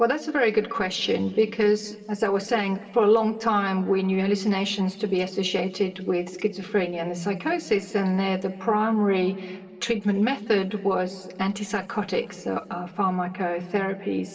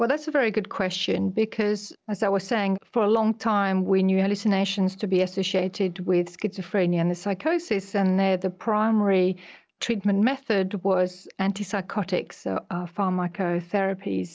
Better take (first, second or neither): second